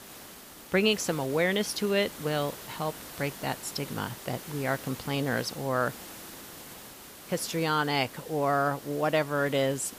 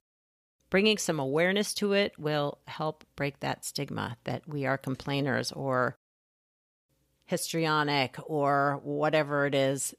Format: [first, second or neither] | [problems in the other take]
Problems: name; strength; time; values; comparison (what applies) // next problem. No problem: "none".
second | hiss; noticeable; throughout; 15 dB below the speech